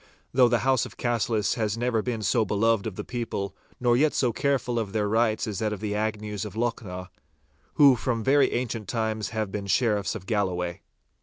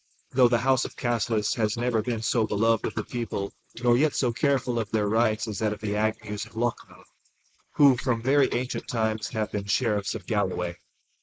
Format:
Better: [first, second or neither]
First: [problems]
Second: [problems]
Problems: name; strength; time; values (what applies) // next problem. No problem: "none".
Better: first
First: none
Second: noise reduction (neural mask model Resemble Enhance denoiser)